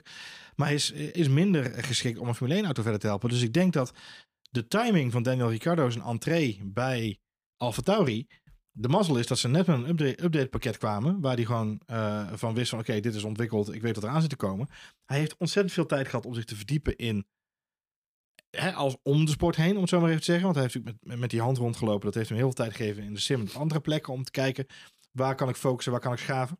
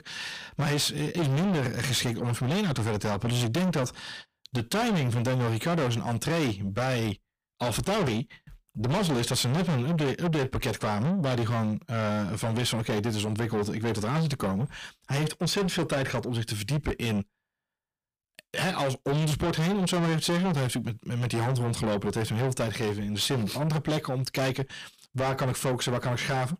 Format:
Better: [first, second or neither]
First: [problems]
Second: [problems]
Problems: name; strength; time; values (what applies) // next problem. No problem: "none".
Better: first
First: none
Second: distortion; heavy; 6 dB below the speech